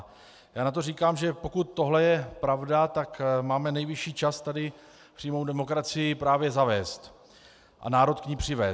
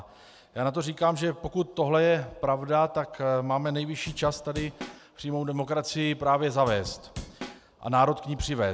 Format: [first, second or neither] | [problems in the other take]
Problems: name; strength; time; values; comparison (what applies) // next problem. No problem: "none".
first | background sound (Drum / Drum kit); 13 dB below the speech